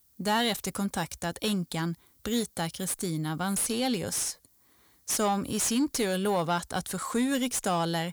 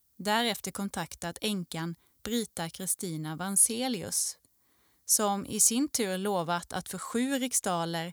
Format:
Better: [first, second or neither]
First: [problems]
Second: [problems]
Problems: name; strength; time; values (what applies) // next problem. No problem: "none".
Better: second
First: distortion; heavy; 6 dB below the speech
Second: none